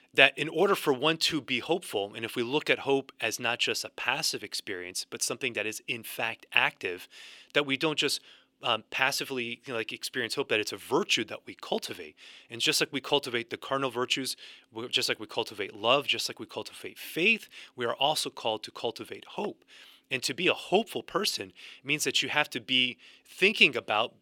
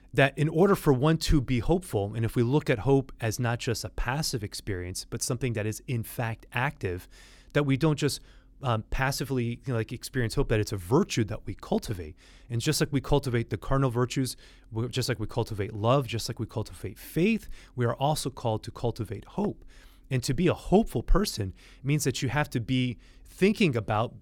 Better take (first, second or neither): second